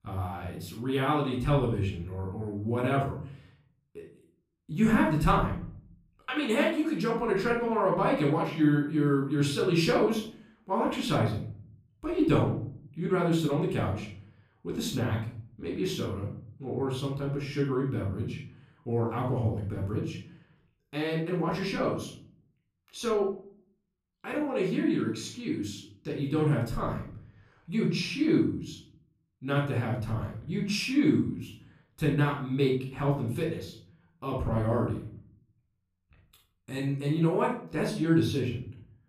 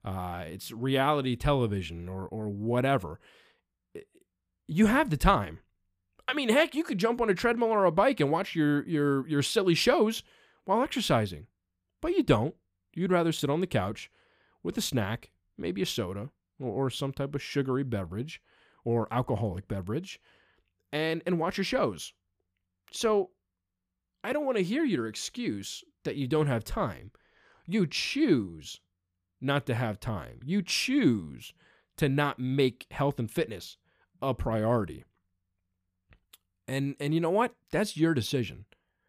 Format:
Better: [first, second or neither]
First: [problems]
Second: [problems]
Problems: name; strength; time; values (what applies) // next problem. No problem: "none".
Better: second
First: off-mic speech; far // room echo; noticeable; dies away in 0.5 s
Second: none